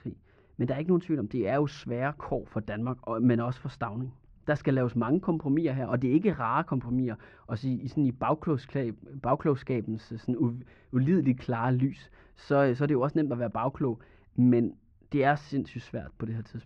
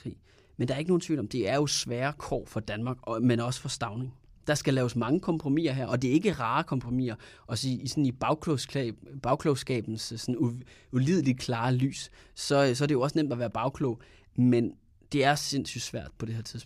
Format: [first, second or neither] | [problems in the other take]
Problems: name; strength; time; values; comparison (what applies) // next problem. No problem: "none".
second | muffled; very; fading above 1.5 kHz